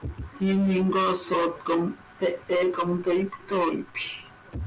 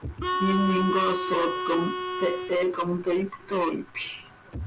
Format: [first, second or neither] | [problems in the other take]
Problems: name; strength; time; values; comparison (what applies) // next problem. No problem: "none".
first | background sound (Harmonica); 2 dB below the speech